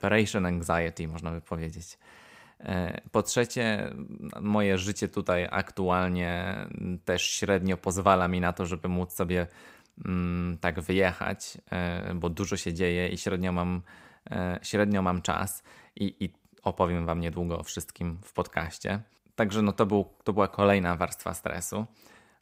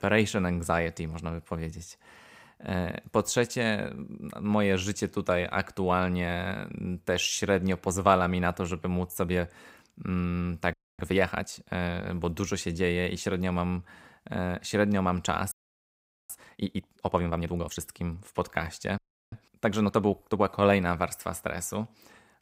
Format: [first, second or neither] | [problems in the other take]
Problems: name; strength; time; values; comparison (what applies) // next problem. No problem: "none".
first | audio freezing; at 11 s, at 16 s for 1 s and at 19 s